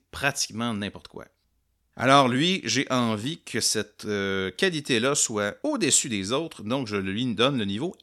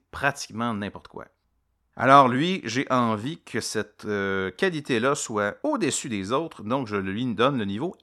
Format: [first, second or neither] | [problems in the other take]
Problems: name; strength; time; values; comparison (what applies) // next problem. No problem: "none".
first | muffled; slightly; fading above 2.5 kHz